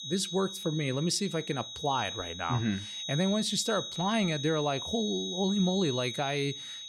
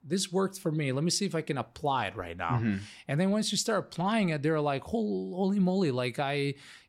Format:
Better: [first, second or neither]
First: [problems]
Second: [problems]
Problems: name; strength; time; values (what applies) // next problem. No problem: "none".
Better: second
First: high-pitched whine; loud; throughout; 4 kHz, 6 dB below the speech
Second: none